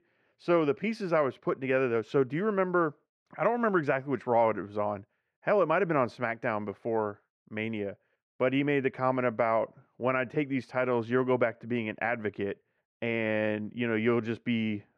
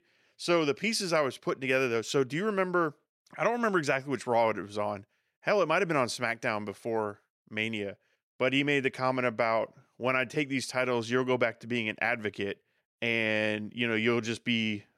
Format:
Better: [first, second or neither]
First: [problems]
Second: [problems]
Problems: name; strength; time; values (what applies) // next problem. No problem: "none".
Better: second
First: muffled; very; fading above 3.5 kHz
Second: none